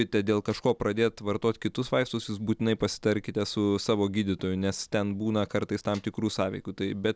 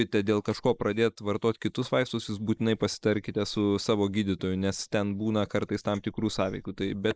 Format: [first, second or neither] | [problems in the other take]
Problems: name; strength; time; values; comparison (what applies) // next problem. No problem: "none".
first | noise reduction (neural mask model Resemble Enhance denoiser)